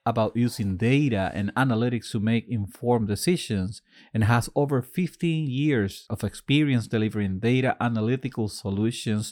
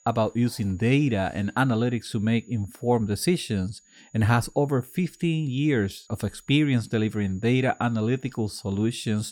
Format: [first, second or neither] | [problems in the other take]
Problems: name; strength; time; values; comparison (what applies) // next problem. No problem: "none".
first | high-pitched whine; faint; throughout; 7 kHz, 30 dB below the speech